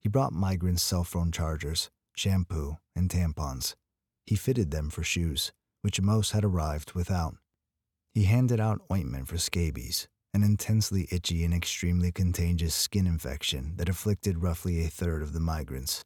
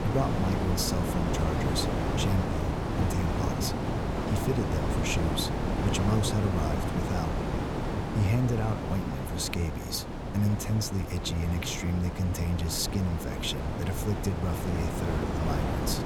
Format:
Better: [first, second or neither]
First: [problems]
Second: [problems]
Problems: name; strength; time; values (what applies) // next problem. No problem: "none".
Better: first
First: none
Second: wind noise on the microphone; heavy; 1 dB above the speech